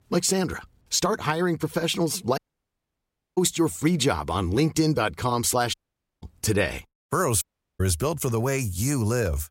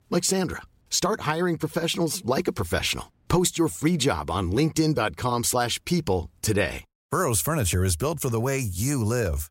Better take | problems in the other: second | audio cutting out; at 2.5 s for 1 s, at 5.5 s and at 7.5 s

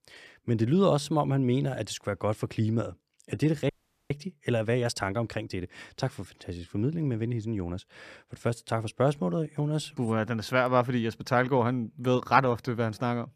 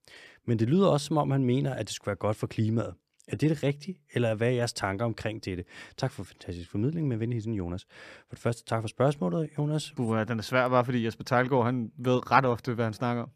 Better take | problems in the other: second | audio freezing; at 3.5 s

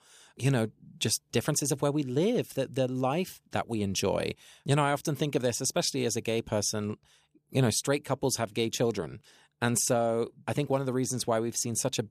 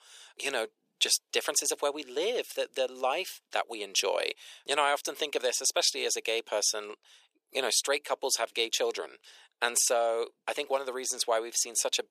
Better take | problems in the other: first | thin; very; fading below 450 Hz

